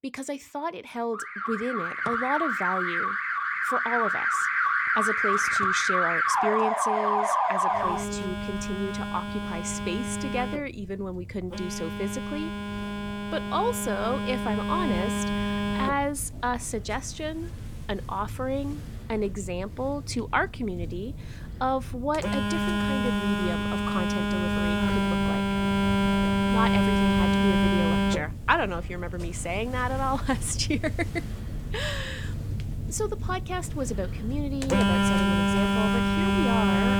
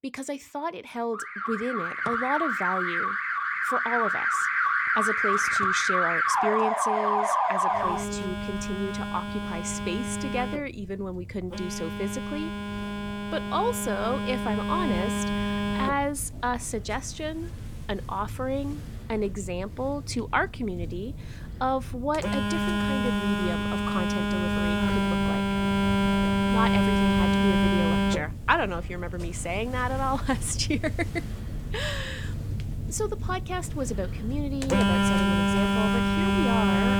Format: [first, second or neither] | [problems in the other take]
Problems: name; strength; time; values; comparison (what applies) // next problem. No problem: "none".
neither | alarms or sirens; very loud; throughout; 4 dB above the speech; the same in both